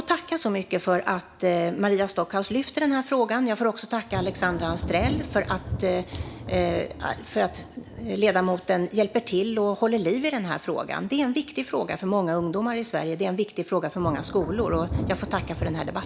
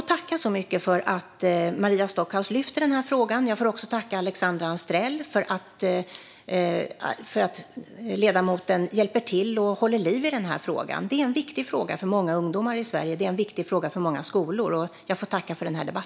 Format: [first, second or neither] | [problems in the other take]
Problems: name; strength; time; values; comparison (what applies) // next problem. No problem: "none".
second | background sound (Thunder); 11 dB below the speech